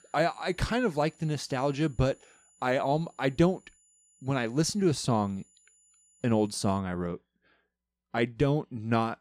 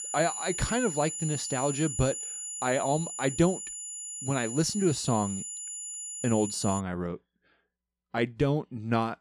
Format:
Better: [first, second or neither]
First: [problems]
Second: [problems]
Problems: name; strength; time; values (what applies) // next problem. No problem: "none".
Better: first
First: high-pitched whine; faint; until 7 s; 7 kHz, 30 dB below the speech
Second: high-pitched whine; loud; until 7 s; 7 kHz, 5 dB below the speech